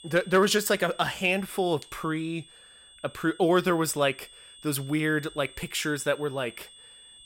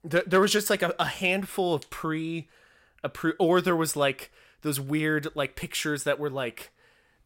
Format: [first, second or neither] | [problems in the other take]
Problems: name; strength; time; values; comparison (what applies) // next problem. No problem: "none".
second | high-pitched whine; faint; throughout; 3.5 kHz, 20 dB below the speech